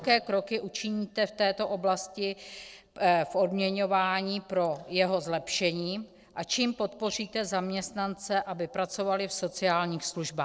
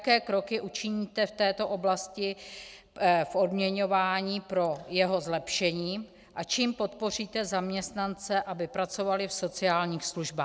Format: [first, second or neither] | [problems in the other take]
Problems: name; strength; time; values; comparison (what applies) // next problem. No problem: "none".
second | noise reduction (neural separator model SepFormer DNS4)